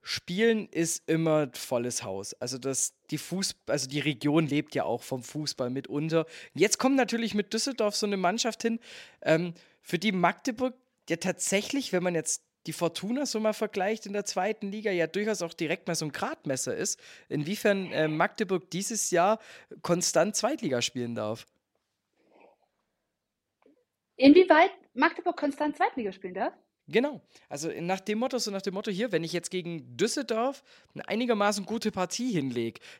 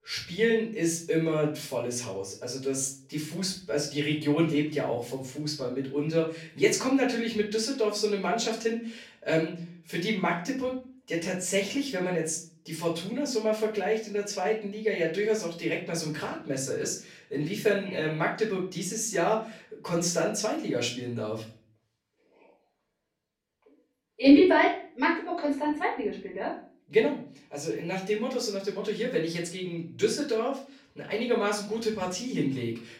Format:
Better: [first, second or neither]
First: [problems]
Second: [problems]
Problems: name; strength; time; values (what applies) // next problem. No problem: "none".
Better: first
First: none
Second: off-mic speech; far // room echo; slight; dies away in 0.4 s